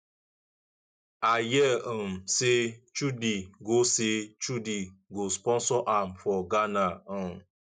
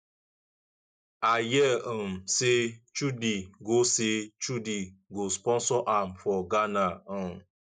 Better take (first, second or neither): first